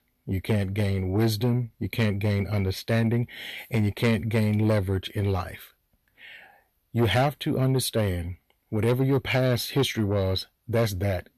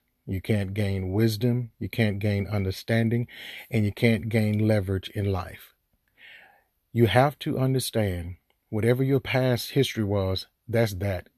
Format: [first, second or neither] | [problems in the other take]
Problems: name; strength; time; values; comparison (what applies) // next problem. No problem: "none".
second | distortion; slight; 10 dB below the speech